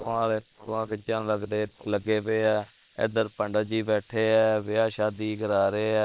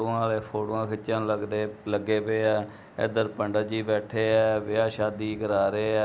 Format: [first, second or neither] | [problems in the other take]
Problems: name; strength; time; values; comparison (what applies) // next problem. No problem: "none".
second | noise reduction (neural separator model SepFormer WHAM!)